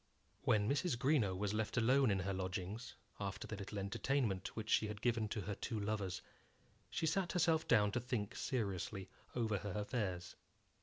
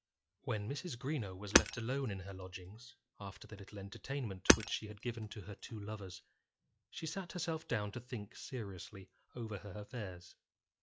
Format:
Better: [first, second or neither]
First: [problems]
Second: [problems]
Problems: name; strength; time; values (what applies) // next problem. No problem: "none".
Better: first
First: none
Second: noise reduction (classical method log-MMSE)